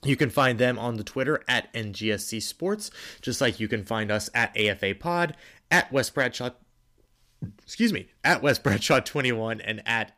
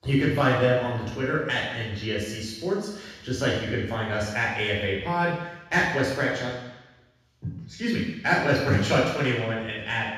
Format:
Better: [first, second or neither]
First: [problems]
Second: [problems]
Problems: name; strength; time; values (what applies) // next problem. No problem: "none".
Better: first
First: none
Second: room echo; strong; dies away in 1.1 s // off-mic speech; far